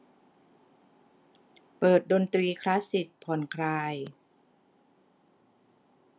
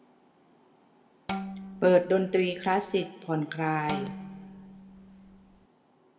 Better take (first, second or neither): first